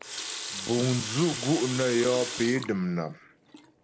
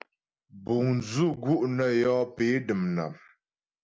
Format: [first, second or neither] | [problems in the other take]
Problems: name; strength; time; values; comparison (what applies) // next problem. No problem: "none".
second | background sound (Water tap, faucet); 8 dB below the speech